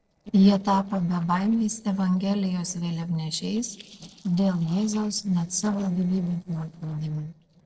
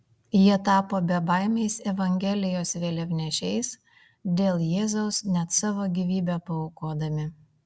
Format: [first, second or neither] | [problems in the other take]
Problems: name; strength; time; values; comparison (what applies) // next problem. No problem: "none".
second | noise reduction (neural separator model SepFormer DNS4)